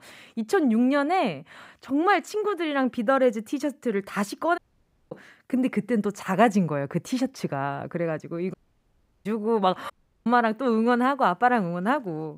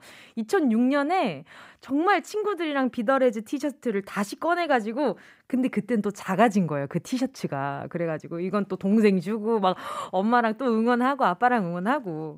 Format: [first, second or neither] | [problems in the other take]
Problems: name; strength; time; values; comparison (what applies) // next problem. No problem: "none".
second | audio cutting out; at 4.5 s for 0.5 s, at 8.5 s for 0.5 s and at 10 s